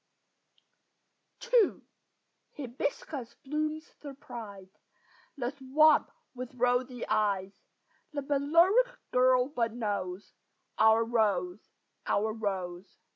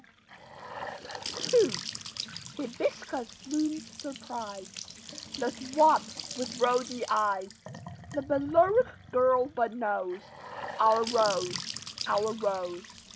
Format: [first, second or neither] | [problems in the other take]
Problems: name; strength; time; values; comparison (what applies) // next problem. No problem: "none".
first | background sound (Trickle, dribble / Bathtub (filling or washing) / Sink (filling or washing) / Gurgling / Splash, splatter); 12 dB below the speech